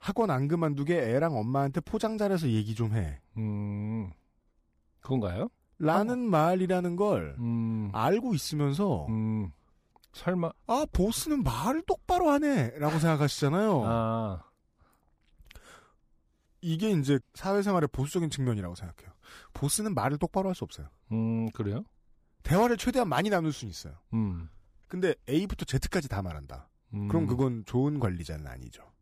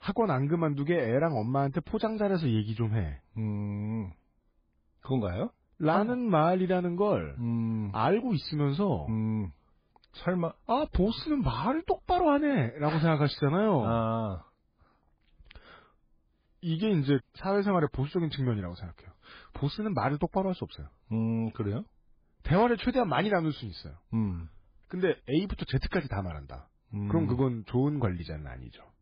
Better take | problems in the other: first | garbled, watery; badly; nothing above 4.5 kHz

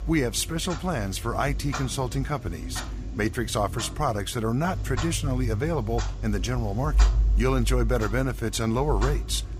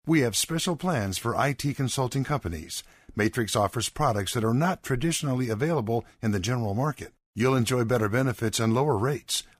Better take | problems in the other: second | household noises; loud; throughout; 3 dB below the speech

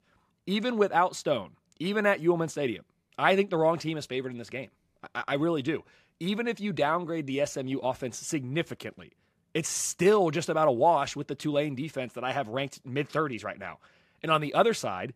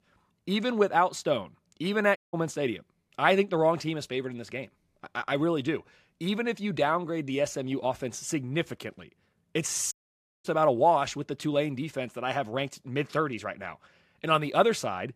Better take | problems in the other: first | audio cutting out; at 2 s and at 10 s for 0.5 s

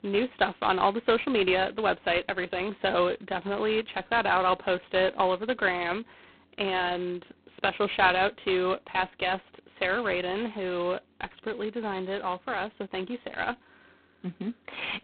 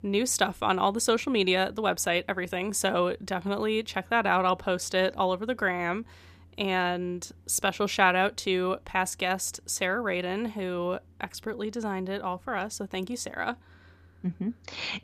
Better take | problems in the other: second | phone-call audio; poor line; nothing above 4 kHz

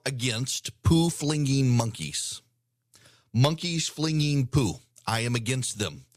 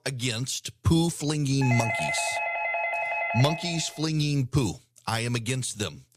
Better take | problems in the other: first | doorbell; loud; from 1.5 to 4 s; peak 1 dB above the speech

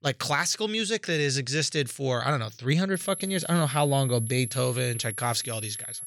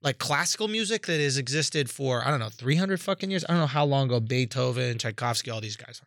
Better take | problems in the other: second | high-pitched whine; loud; from 3 s on; 11 kHz, 8 dB below the speech

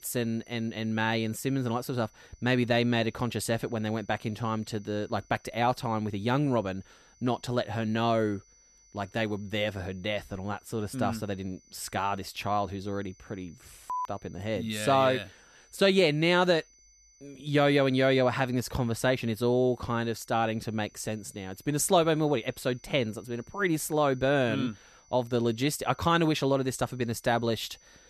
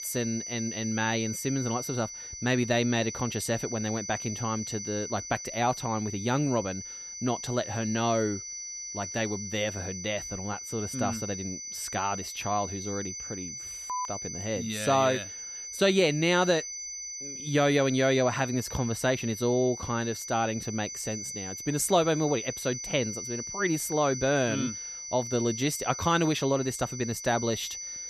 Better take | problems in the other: first | high-pitched whine; loud; throughout; 6 kHz, 7 dB below the speech; faint in the first

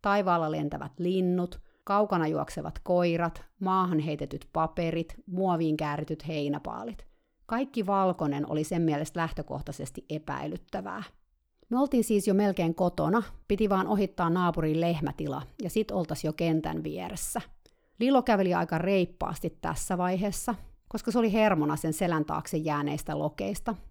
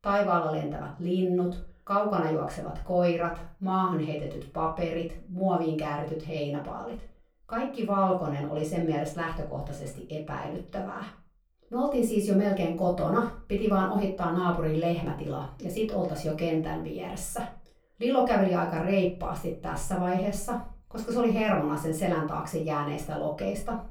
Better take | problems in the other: first | off-mic speech; far // room echo; slight; dies away in 0.3 s

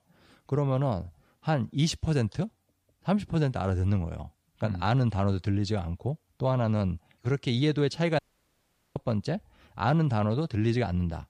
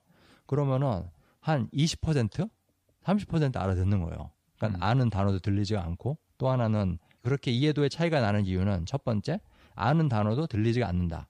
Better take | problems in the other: second | audio cutting out; at 8 s for 1 s

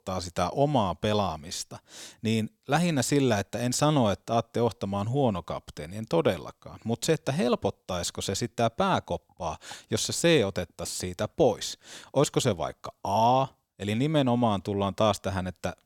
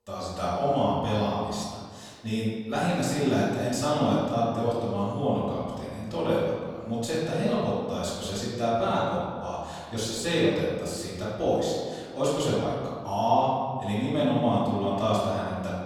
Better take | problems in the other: first | off-mic speech; far // room echo; strong; dies away in 1.6 s

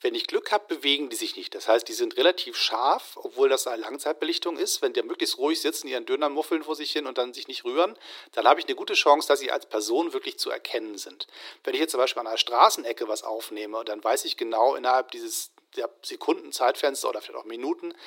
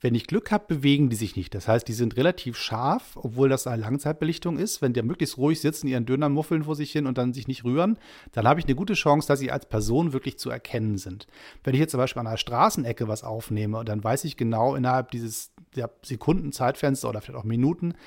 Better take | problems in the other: second | thin; very; fading below 350 Hz

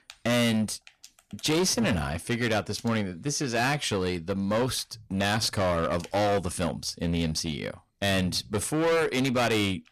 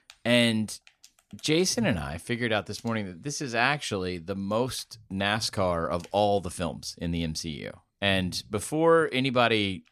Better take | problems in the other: second | distortion; heavy; 15% of the sound clipped

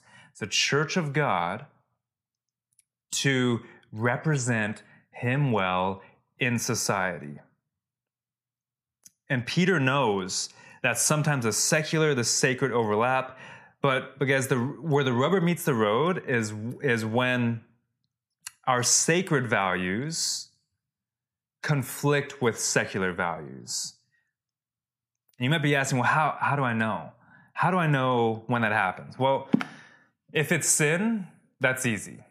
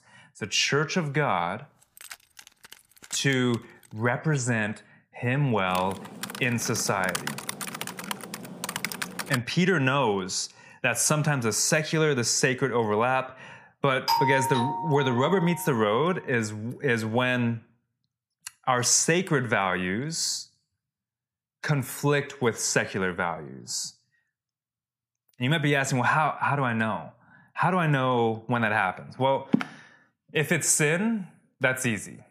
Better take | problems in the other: first | jangling keys; faint; from 2 to 4 s; peak 20 dB below the speech // keyboard typing; noticeable; from 5.5 to 9.5 s; peak 6 dB below the speech // doorbell; loud; from 14 to 16 s; peak 1 dB above the speech

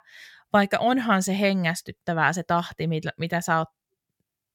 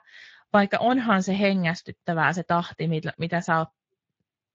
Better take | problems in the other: first | garbled, watery; slightly; nothing above 7 kHz

